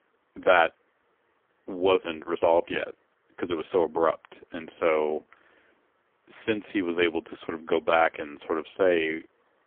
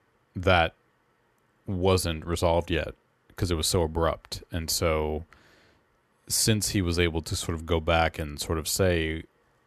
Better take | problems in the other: second | phone-call audio; poor line; nothing above 3.5 kHz

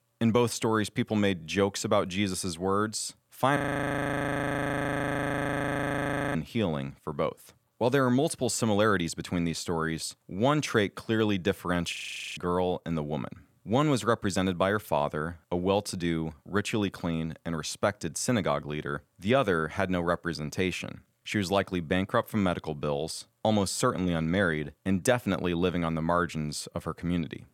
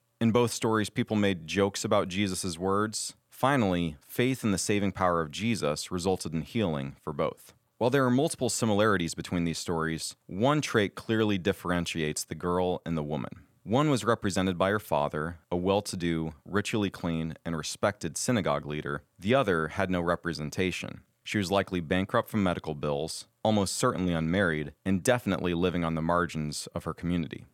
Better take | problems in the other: second | audio freezing; at 3.5 s for 3 s and at 12 s

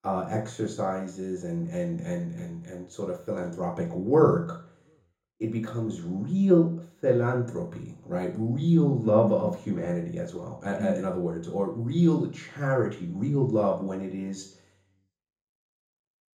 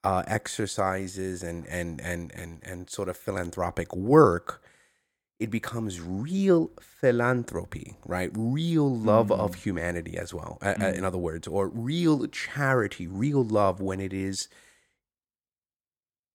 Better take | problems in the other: second | room echo; slight; dies away in 0.6 s // off-mic speech; far

